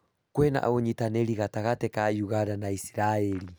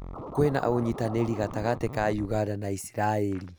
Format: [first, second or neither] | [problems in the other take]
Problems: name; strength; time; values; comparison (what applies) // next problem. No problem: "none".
first | background sound (Scratching (performance technique)); 12 dB below the speech